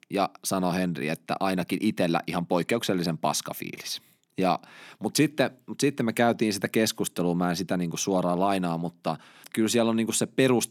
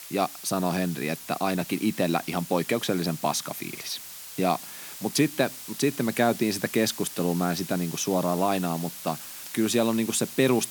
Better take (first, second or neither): first